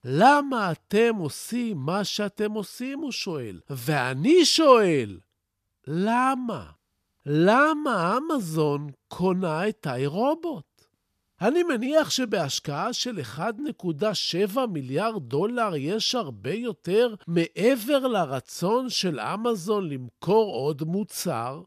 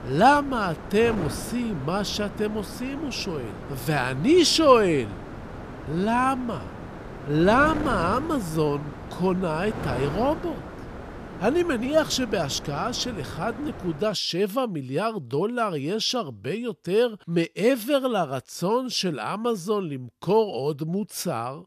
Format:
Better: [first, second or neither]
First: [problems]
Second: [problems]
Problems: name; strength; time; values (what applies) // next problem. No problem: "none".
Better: first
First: none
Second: wind noise on the microphone; occasional gusts; until 14 s; 15 dB below the speech